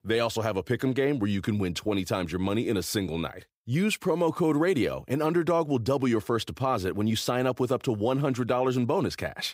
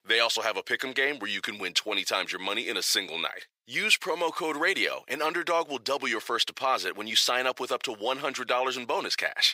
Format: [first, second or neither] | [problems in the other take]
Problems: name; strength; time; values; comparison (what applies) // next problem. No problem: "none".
first | thin; very; fading below 600 Hz